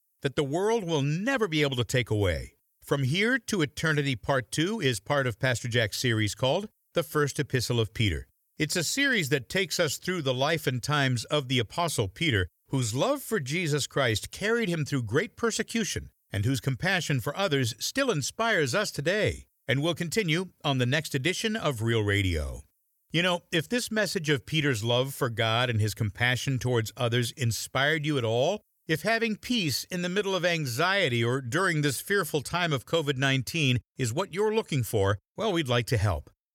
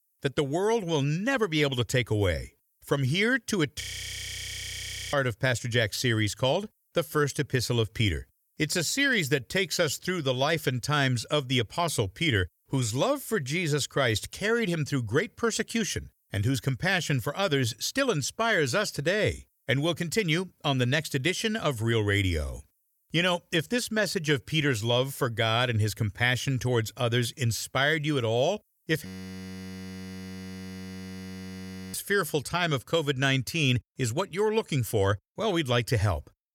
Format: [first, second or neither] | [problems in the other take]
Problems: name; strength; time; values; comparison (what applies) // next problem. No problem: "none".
first | audio freezing; at 4 s for 1.5 s and at 29 s for 3 s